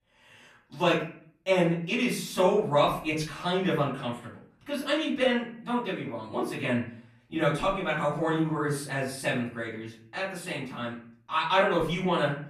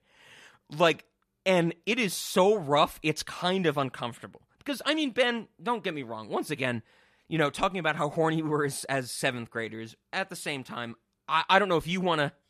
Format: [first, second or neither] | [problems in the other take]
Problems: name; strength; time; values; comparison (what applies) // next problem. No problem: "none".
second | off-mic speech; far // room echo; slight; dies away in 0.5 s